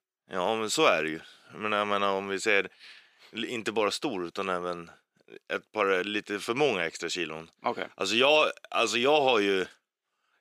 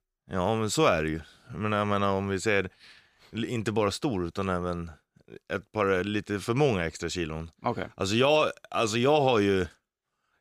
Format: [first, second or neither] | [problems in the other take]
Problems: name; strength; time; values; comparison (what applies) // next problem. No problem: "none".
second | thin; somewhat; fading below 300 Hz